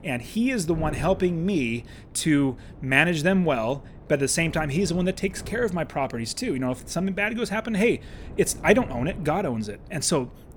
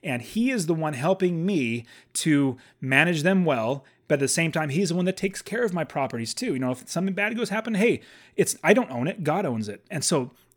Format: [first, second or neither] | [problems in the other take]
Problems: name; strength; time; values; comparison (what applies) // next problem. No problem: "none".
second | wind noise on the microphone; occasional gusts; 20 dB below the speech